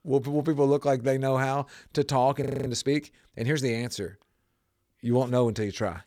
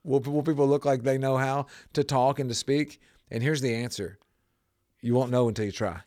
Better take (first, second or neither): second